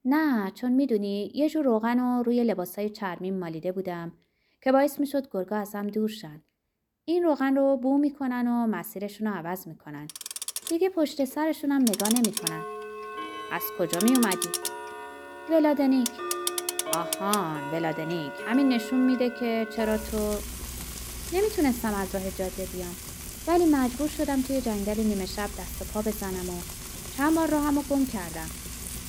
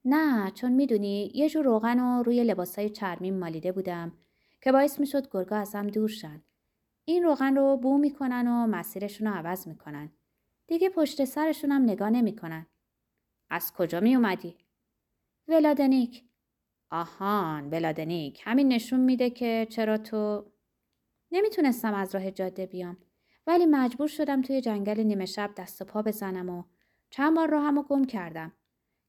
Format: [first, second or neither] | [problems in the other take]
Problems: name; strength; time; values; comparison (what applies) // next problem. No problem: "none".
second | household noises; loud; from 10 s on; 7 dB below the speech